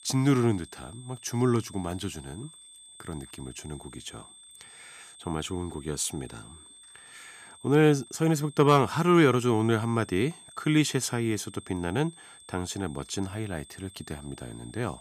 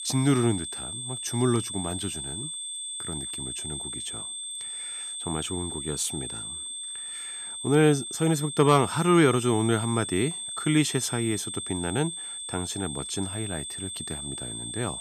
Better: first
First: high-pitched whine; faint; throughout; 8.5 kHz, 20 dB below the speech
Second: high-pitched whine; loud; throughout; 8.5 kHz, 6 dB below the speech

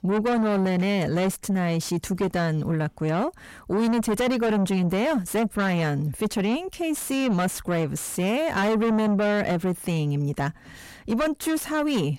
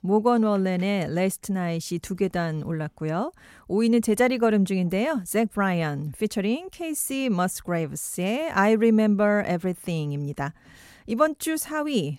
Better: second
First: distortion; heavy; 7 dB below the speech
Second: none

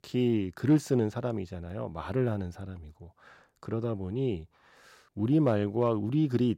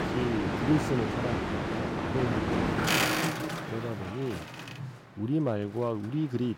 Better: first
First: none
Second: train or aircraft noise; very loud; throughout; 2 dB above the speech

